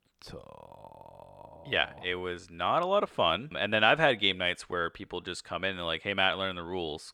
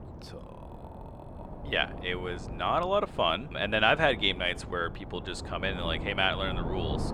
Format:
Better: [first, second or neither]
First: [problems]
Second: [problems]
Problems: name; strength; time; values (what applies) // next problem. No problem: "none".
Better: first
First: none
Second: wind noise on the microphone; occasional gusts; 15 dB below the speech